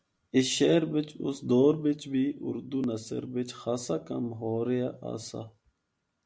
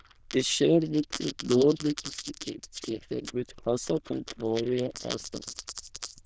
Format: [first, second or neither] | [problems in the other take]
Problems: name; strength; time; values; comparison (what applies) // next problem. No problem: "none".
first | noise reduction (neural diffusion model UNIVERSE++)